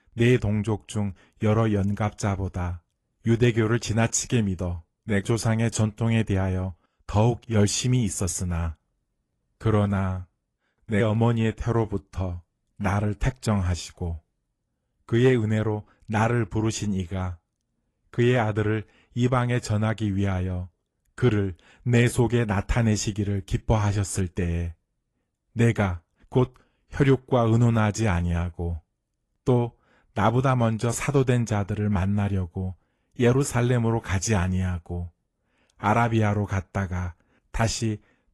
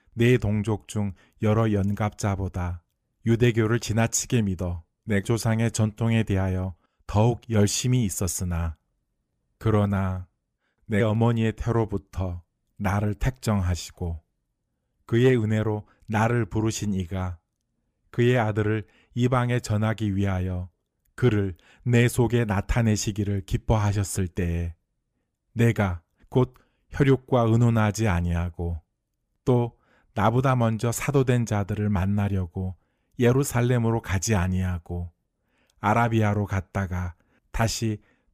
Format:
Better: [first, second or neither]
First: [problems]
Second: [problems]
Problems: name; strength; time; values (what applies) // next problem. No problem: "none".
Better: second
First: garbled, watery; slightly; nothing above 11.5 kHz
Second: none